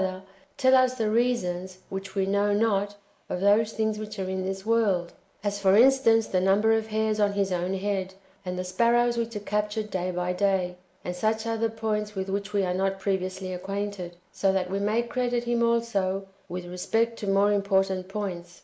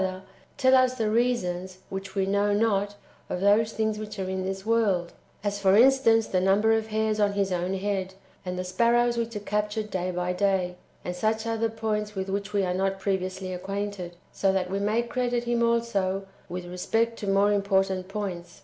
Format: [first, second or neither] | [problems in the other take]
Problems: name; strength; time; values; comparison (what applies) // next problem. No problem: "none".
second | noise reduction (neural mask model Resemble Enhance denoiser)